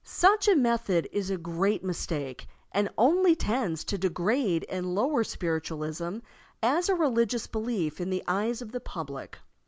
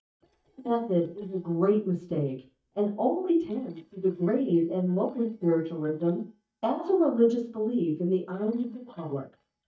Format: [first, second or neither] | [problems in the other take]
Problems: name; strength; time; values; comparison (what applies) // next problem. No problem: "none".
first | noise reduction (neural mask model DeepFilterNet 3)